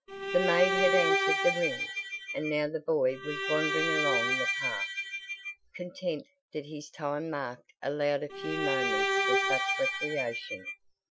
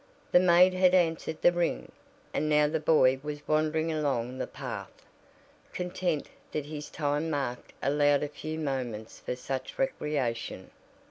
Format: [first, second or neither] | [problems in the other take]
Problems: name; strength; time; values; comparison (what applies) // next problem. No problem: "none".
second | noise reduction (classical method Wiener filter)